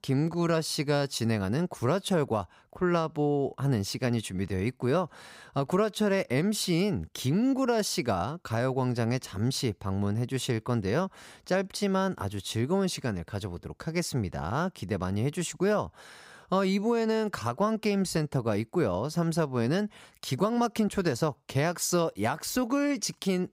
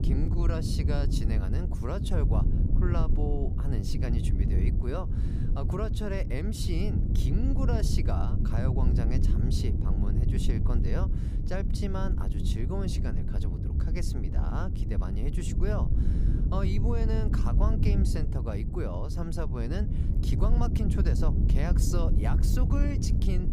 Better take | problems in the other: first | wind noise on the microphone; heavy; 3 dB below the speech

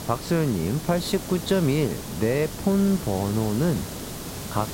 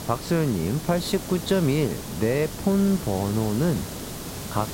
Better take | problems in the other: neither | hiss; loud; throughout; 10 dB below the speech; the same in both

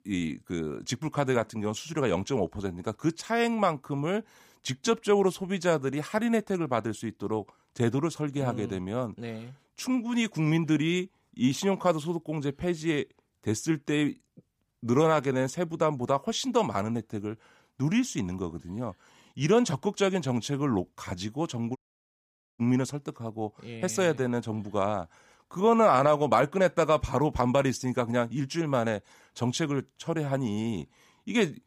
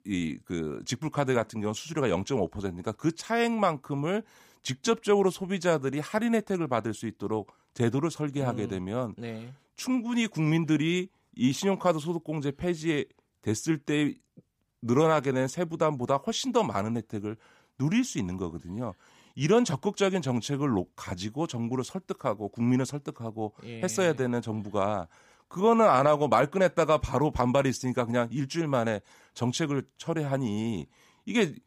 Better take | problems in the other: second | audio cutting out; at 22 s for 1 s

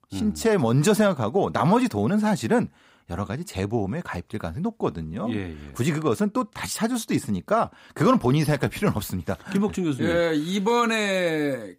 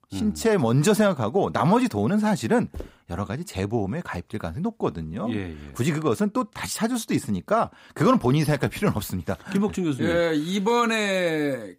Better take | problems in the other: first | footsteps; faint; at 2.5 s; peak 15 dB below the speech

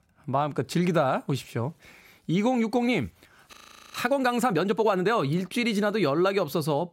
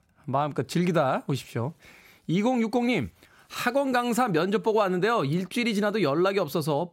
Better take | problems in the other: second | audio freezing; at 3.5 s

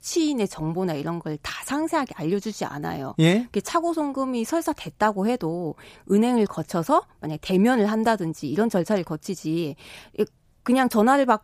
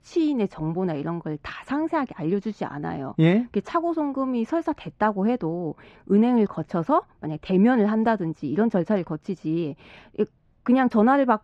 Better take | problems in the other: first | muffled; slightly; fading above 2.5 kHz

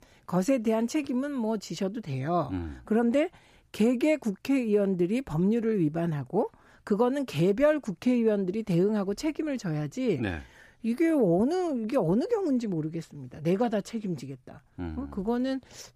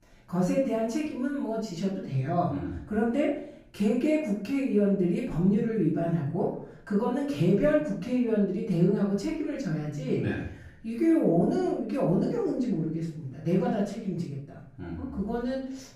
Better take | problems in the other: first | off-mic speech; far // room echo; noticeable; dies away in 0.6 s

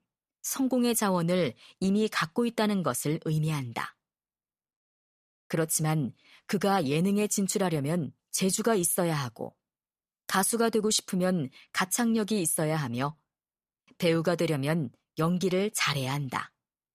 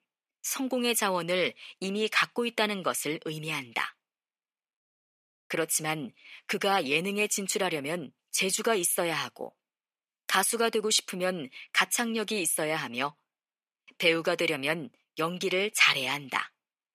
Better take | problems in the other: first | thin; somewhat; fading below 300 Hz

